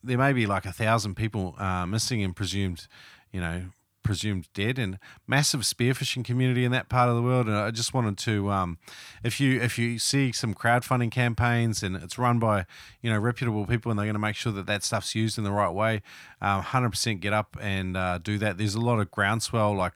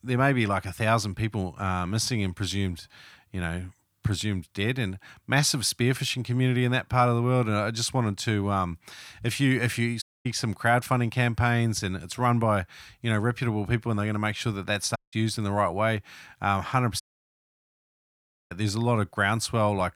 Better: first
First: none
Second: audio cutting out; at 10 s, at 15 s and at 17 s for 1.5 s

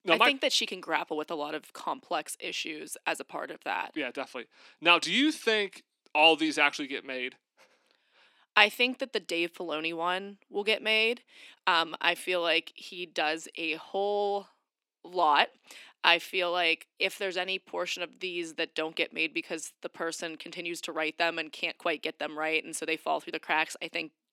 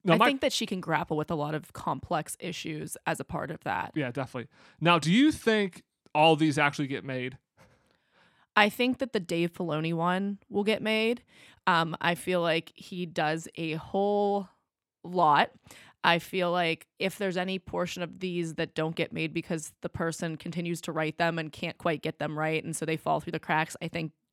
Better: second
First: thin; somewhat; fading below 300 Hz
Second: none

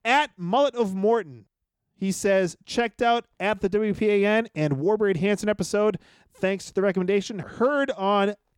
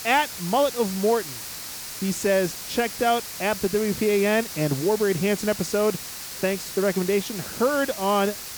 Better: first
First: none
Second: hiss; loud; throughout; 9 dB below the speech

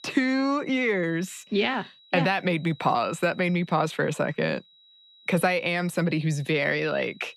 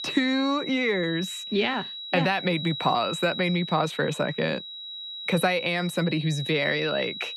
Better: first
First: high-pitched whine; faint; throughout; 4 kHz, 25 dB below the speech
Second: high-pitched whine; loud; throughout; 4 kHz, 8 dB below the speech

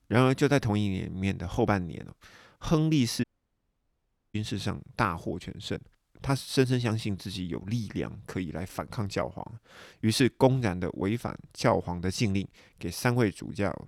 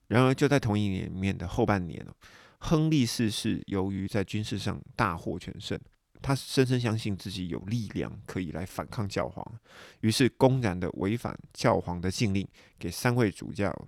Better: second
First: audio cutting out; at 3 s for 1 s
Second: none

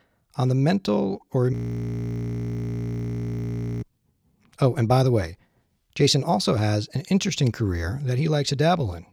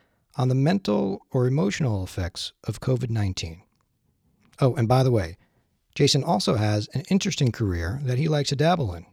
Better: second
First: audio freezing; at 1.5 s for 2.5 s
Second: none

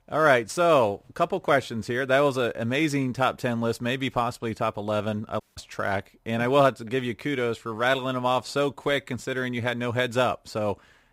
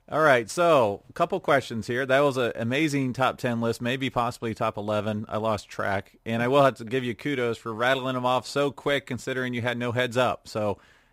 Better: second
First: audio cutting out; at 5.5 s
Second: none

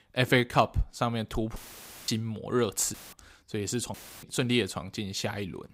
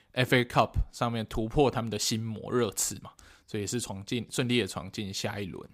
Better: second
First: audio cutting out; filled with static; at 1.5 s for 0.5 s, at 3 s and at 4 s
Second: none

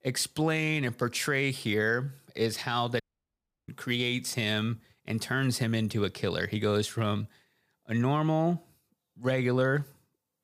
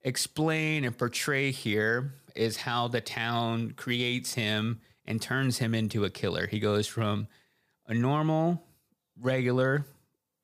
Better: second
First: audio cutting out; at 3 s for 0.5 s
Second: none

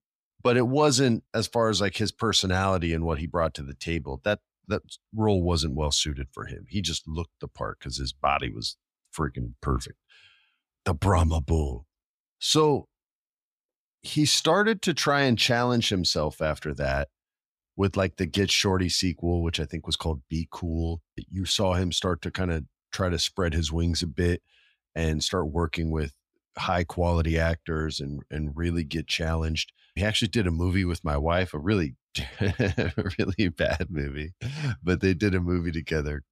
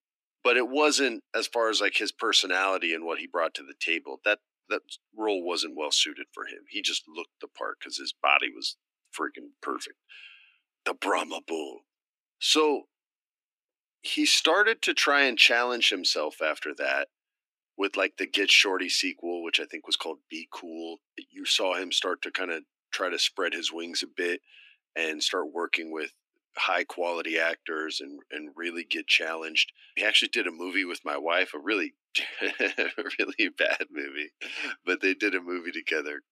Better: first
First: none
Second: thin; somewhat; fading below 300 Hz

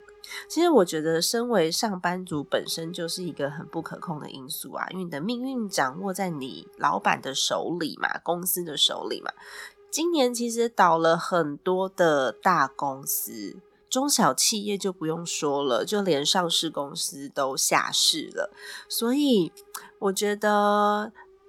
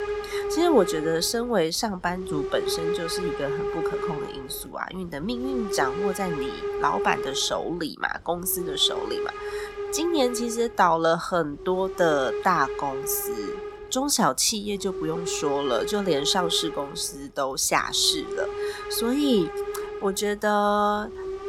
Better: first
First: hiss; faint; throughout; 30 dB below the speech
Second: hiss; loud; throughout; 6 dB below the speech

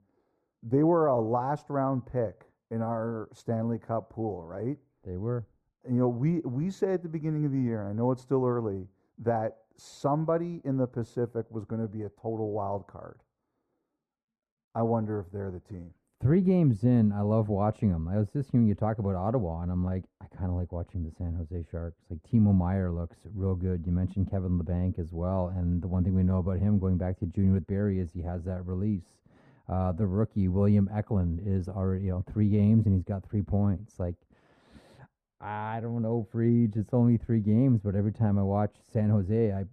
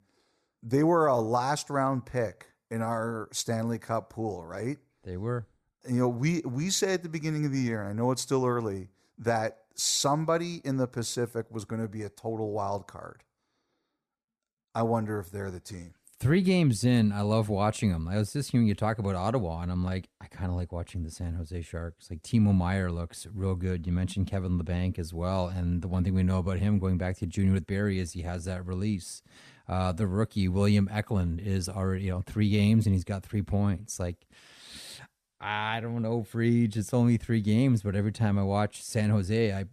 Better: second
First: muffled; very; fading above 2 kHz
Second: none

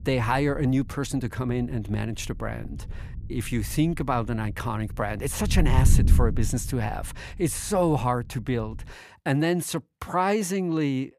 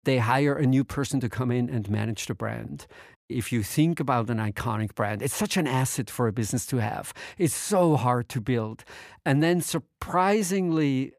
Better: second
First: wind noise on the microphone; occasional gusts; until 9 s; 15 dB below the speech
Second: none

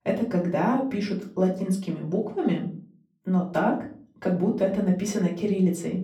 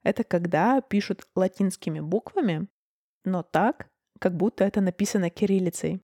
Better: second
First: off-mic speech; far // room echo; slight; dies away in 0.4 s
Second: none

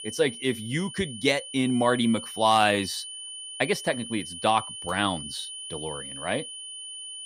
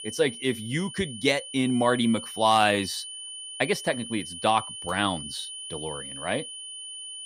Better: neither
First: high-pitched whine; noticeable; throughout; 3 kHz, 10 dB below the speech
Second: high-pitched whine; noticeable; throughout; 3 kHz, 10 dB below the speech

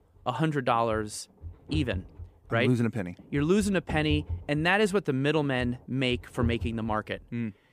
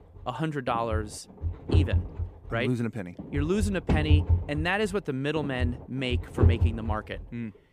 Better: first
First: low rumble; faint; throughout; 20 dB below the speech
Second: low rumble; loud; throughout; 9 dB below the speech

